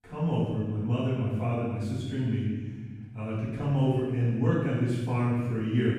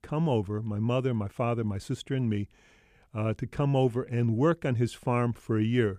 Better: second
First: off-mic speech; far // room echo; strong; dies away in 1.4 s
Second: none

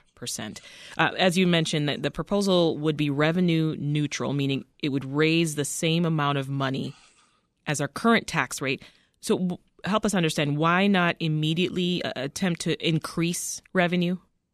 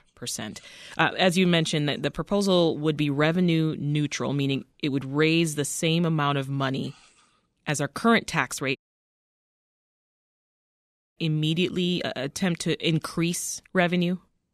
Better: first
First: none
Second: audio cutting out; at 9 s for 2.5 s

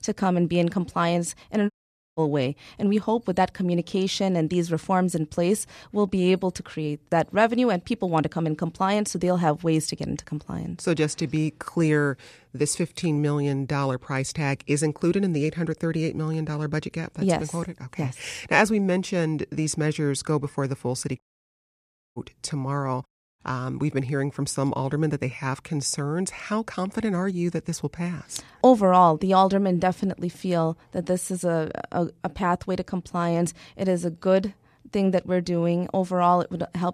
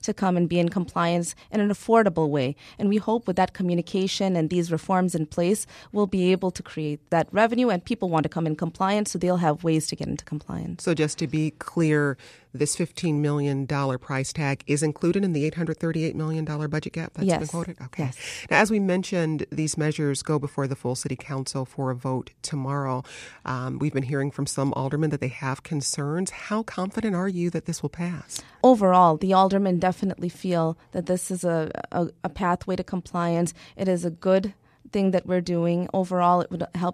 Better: second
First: audio cutting out; at 1.5 s, at 21 s for 1 s and at 23 s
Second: none

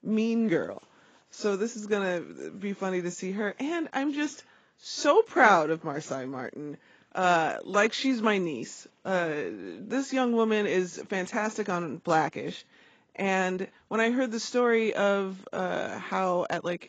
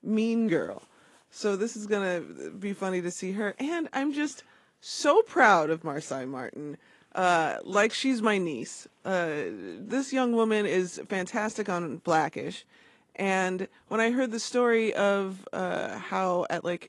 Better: second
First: garbled, watery; badly; nothing above 7.5 kHz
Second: garbled, watery; slightly

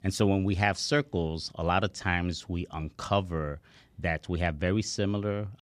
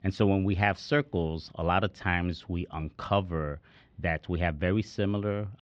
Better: first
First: none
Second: muffled; slightly; fading above 3.5 kHz

